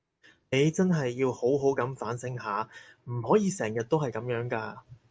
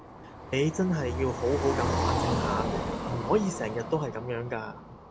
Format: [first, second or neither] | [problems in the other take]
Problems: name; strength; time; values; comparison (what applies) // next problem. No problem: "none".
first | background sound (Car passing by); 2 dB below the speech